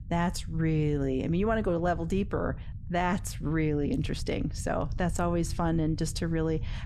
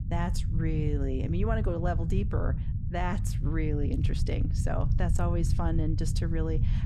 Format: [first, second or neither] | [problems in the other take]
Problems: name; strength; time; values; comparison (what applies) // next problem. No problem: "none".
first | low rumble; loud; throughout; 9 dB below the speech; faint in the first